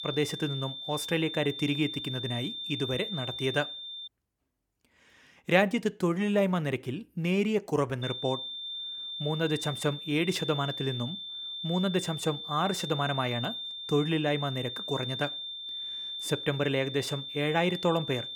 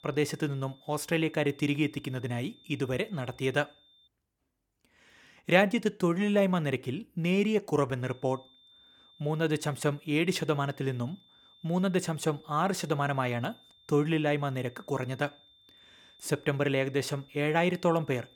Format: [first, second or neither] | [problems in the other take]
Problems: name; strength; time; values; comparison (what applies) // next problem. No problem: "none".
second | high-pitched whine; loud; until 4 s and from 8 s on; 3.5 kHz, 6 dB below the speech; faint in the second